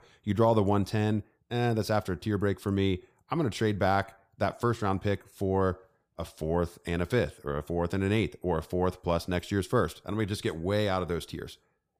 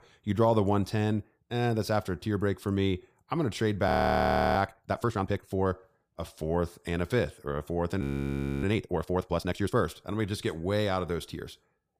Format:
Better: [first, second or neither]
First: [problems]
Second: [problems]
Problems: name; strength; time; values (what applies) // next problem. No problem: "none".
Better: first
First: none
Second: audio freezing; at 4 s for 0.5 s and at 8 s for 0.5 s